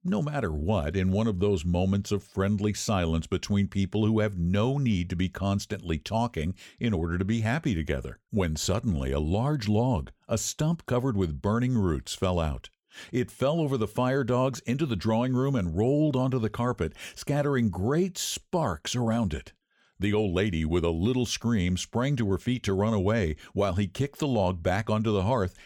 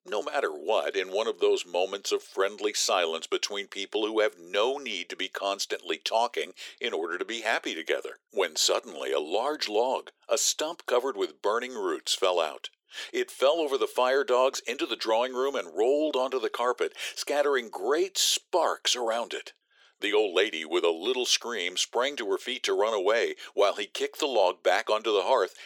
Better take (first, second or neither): first